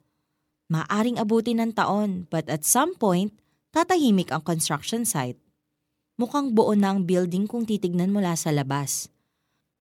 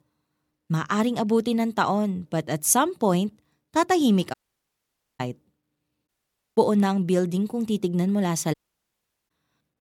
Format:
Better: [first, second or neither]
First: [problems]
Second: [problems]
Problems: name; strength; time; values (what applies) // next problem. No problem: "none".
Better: first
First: none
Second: audio cutting out; at 4.5 s for 1 s, at 6 s and at 8.5 s for 1 s